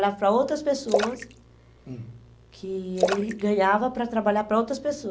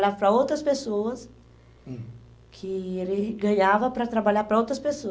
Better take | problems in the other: second | background sound (Splash, splatter); 7 dB below the speech

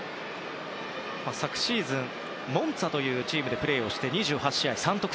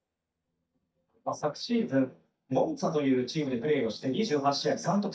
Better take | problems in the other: first | noise reduction (neural mask model DeepFilterNet 3)

